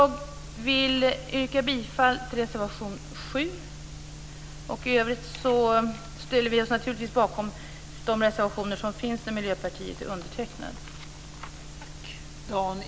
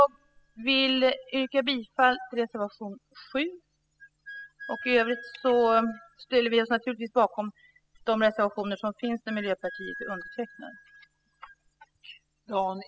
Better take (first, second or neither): first